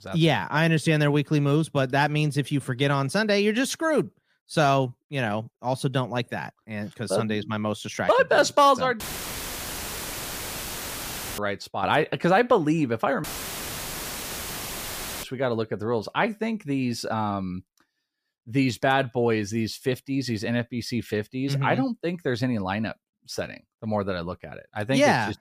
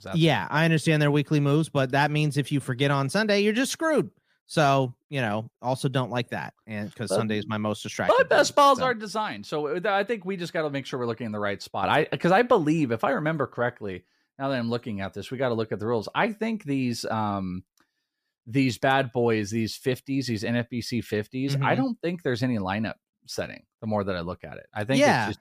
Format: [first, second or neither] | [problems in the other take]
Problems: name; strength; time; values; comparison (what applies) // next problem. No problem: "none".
second | audio cutting out; filled with static; at 9 s for 2.5 s and at 13 s for 2 s